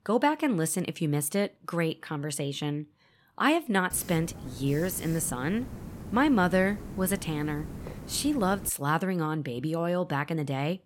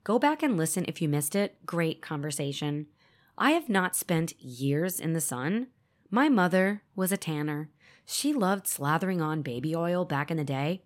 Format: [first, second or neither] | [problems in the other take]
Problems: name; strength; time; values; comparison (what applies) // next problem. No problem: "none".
second | hiss; noticeable; from 4 to 8.5 s; 15 dB below the speech